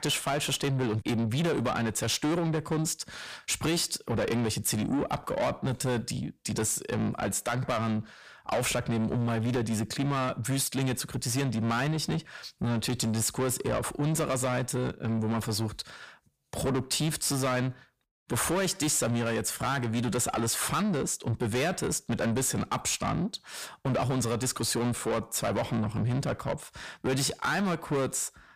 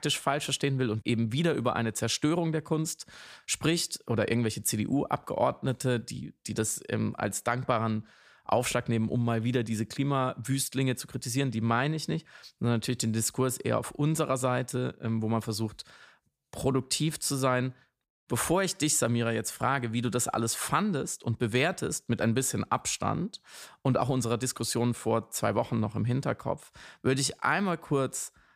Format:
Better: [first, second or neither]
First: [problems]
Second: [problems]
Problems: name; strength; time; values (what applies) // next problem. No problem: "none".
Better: second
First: distortion; heavy; 7 dB below the speech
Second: none